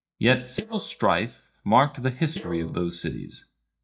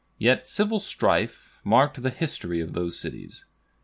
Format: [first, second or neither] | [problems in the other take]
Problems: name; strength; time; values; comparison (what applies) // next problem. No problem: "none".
second | noise reduction (neural mask model DeepFilterNet 3)